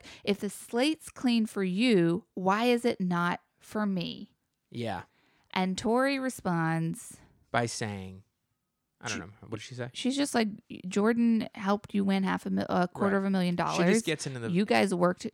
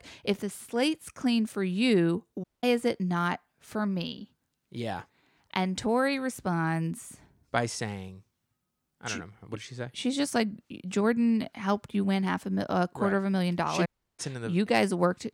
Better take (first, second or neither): first